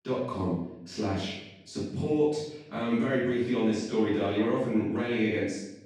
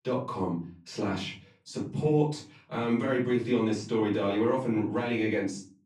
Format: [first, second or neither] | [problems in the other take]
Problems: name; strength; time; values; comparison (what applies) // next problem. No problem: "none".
second | room echo; strong; dies away in 0.7 s; slight in the second // off-mic speech; far; far in the second